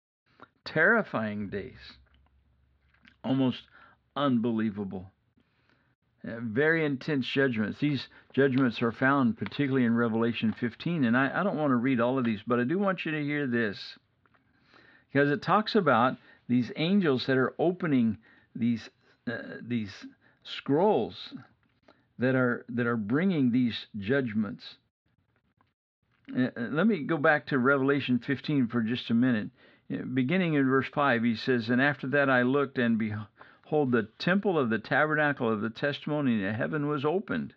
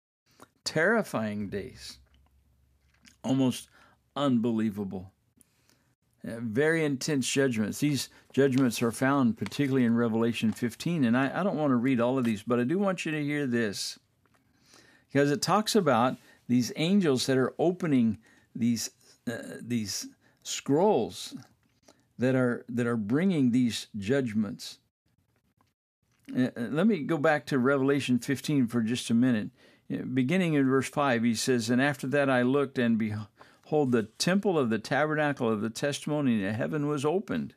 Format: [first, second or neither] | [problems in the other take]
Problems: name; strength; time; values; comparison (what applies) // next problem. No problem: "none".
second | muffled; slightly; fading above 4 kHz